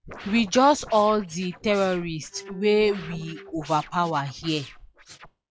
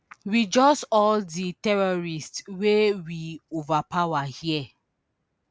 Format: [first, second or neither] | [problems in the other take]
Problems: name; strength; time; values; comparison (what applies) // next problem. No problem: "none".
second | noise reduction (classical method log-MMSE)